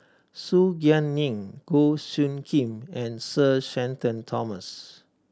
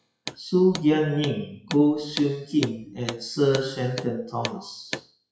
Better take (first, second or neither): first